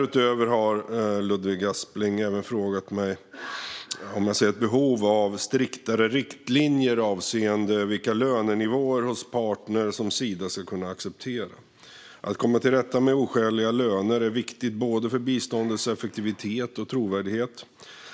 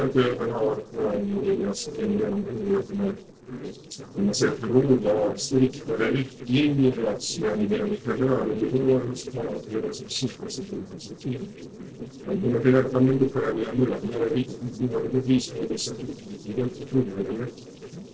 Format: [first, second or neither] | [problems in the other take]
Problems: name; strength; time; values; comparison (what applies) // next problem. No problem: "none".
first | noise reduction (neural separator model SepFormer DNS4)